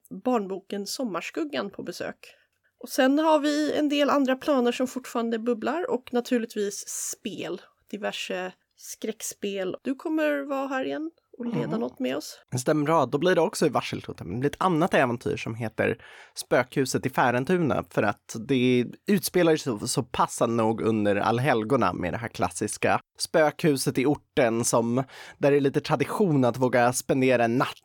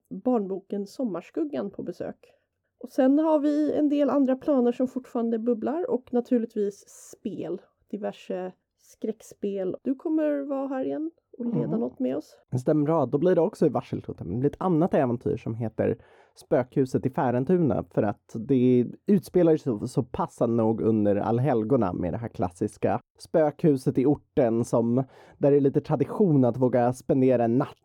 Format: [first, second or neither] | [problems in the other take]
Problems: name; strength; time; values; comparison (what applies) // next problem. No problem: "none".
first | muffled; slightly; fading above 1 kHz